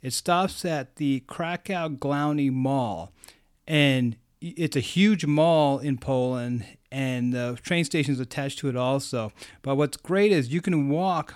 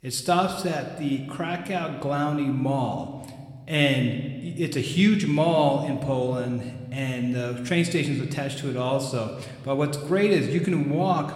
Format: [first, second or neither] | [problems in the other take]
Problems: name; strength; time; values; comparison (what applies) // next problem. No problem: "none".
first | room echo; slight; dies away in 1.2 s